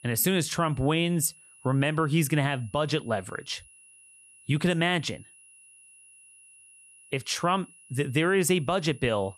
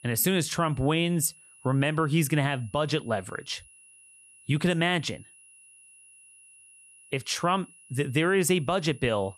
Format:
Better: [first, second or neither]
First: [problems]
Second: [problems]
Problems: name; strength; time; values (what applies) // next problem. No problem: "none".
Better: neither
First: high-pitched whine; faint; throughout; 10.5 kHz, 25 dB below the speech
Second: high-pitched whine; faint; throughout; 10.5 kHz, 25 dB below the speech